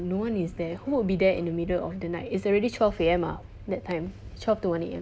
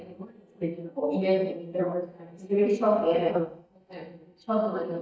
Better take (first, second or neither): first